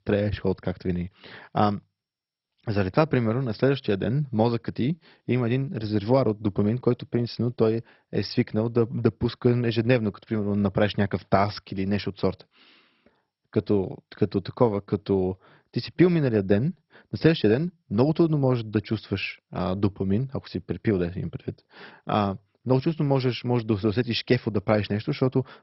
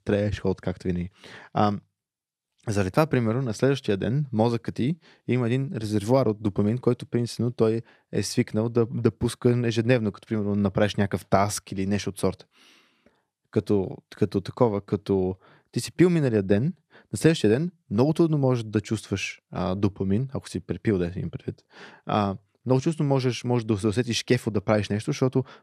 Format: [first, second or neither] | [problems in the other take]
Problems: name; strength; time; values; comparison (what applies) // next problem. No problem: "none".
second | garbled, watery; badly; nothing above 5.5 kHz